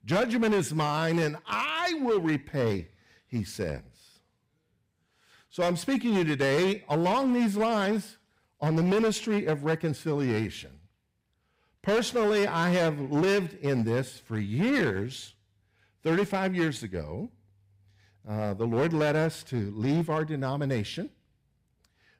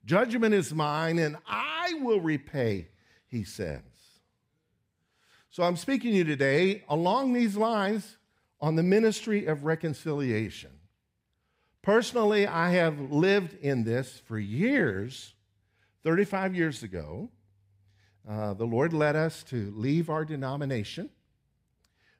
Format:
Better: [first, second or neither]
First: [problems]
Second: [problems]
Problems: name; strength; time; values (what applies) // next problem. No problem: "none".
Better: second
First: distortion; slight; 10% of the sound clipped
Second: none